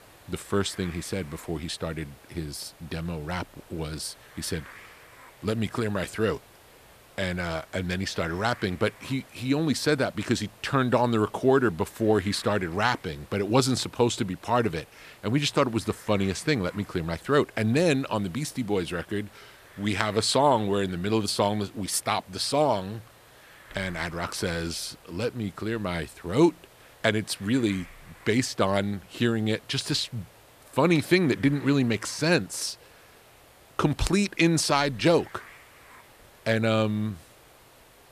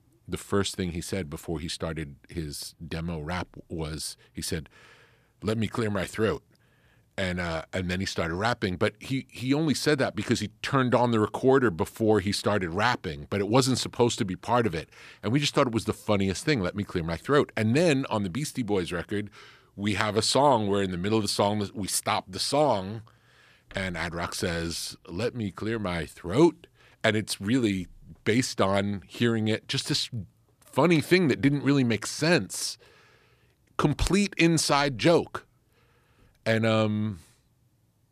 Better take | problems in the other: second | hiss; faint; throughout; 25 dB below the speech

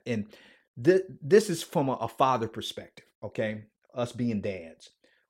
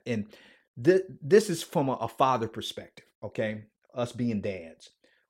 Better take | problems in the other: neither | none

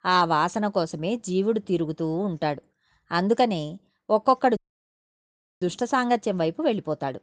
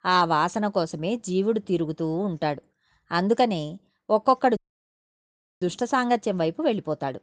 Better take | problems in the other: neither | audio cutting out; at 4.5 s for 1 s; the same in both

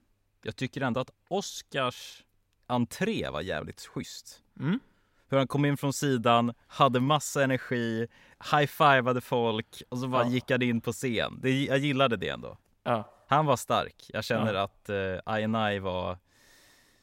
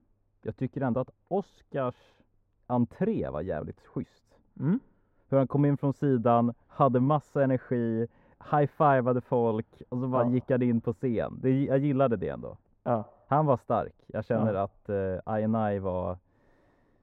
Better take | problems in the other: first | muffled; very; fading above 2 kHz

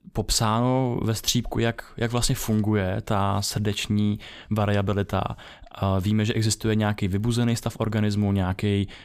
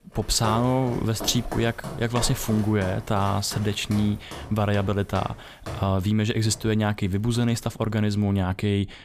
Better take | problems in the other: first | footsteps; noticeable; until 7.5 s; peak 8 dB below the speech

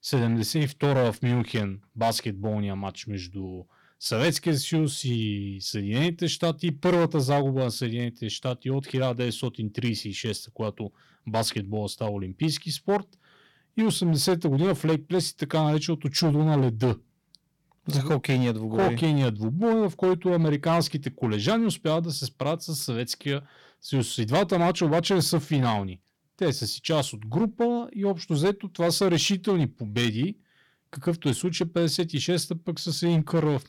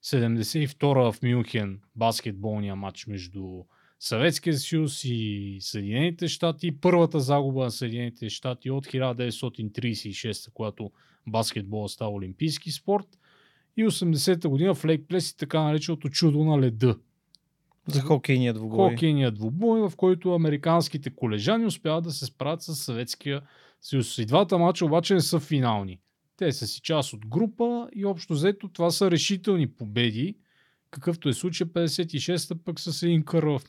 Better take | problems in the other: second | distortion; slight; 7% of the sound clipped

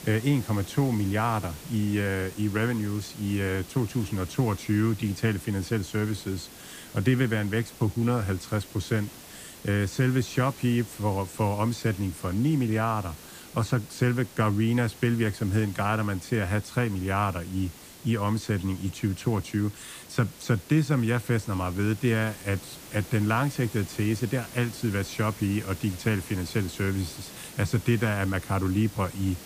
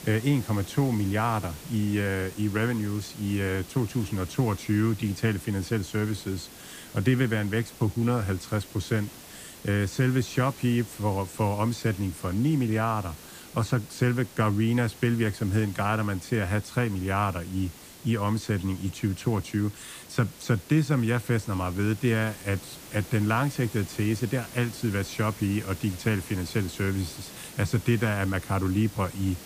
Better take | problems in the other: neither | hiss; noticeable; throughout; 15 dB below the speech; the same in both

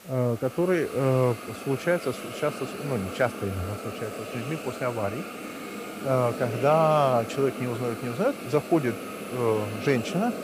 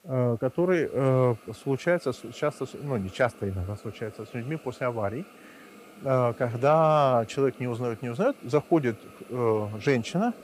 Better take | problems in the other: second | hiss; loud; throughout; 9 dB below the speech; faint in the second

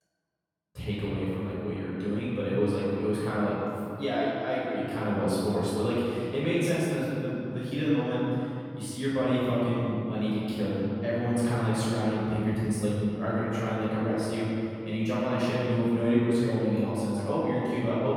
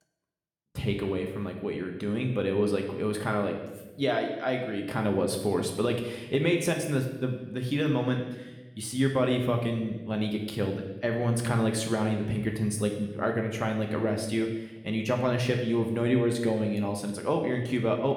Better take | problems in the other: second | room echo; strong; dies away in 2.7 s; slight in the second // off-mic speech; far

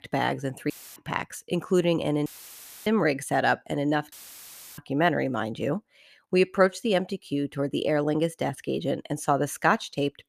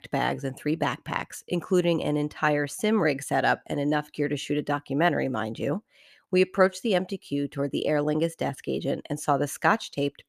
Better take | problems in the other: second | audio cutting out; filled with static; at 0.5 s, at 2.5 s for 0.5 s and at 4 s for 0.5 s

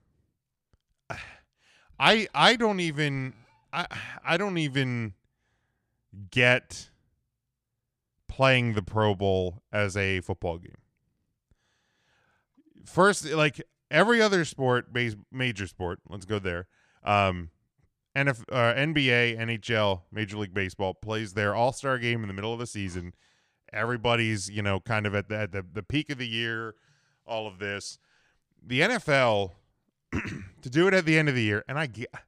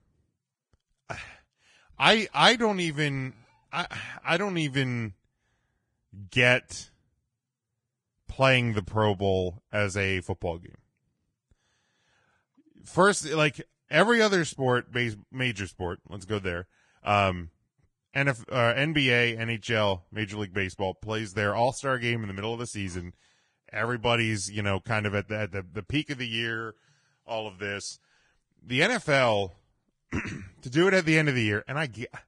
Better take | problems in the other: first | garbled, watery; badly

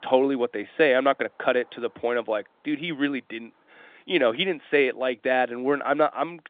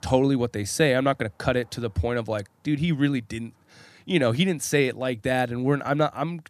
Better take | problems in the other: second | phone-call audio; nothing above 3.5 kHz

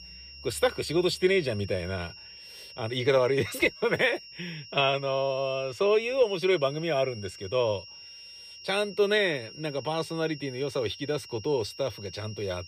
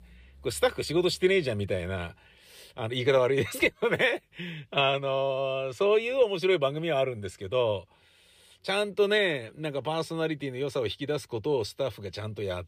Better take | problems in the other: second | high-pitched whine; noticeable; throughout; 5.5 kHz, 15 dB below the speech

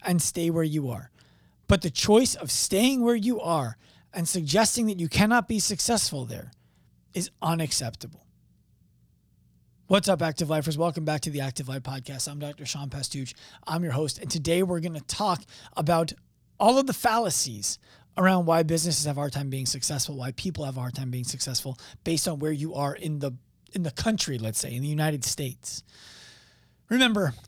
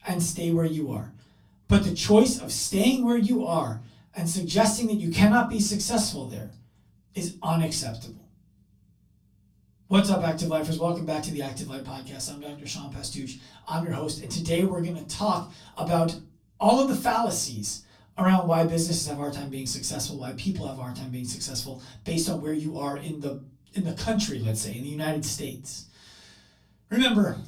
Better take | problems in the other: first | off-mic speech; far // room echo; very slight; dies away in 0.3 s

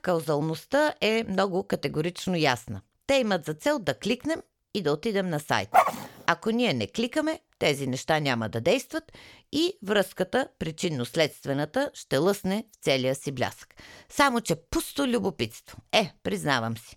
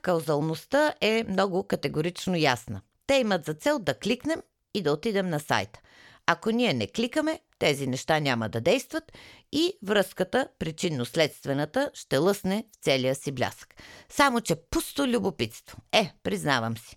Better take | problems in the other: second | dog barking; loud; at 5.5 s; peak 4 dB above the speech

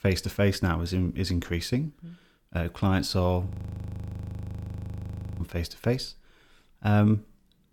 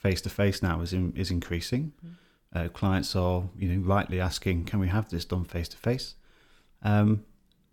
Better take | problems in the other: second | audio freezing; at 3.5 s for 2 s

